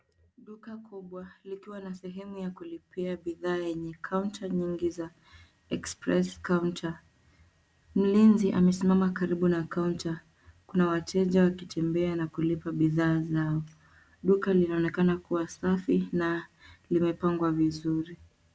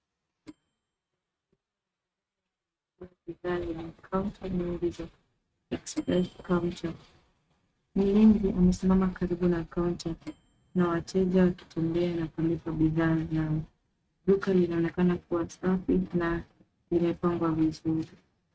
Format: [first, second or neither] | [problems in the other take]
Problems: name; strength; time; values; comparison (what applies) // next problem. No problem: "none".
first | noise reduction (neural mask model RNNoise)